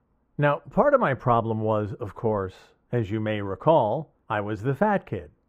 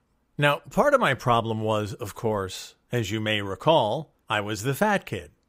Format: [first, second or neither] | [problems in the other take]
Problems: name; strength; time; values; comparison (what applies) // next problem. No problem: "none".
second | muffled; very; fading above 2.5 kHz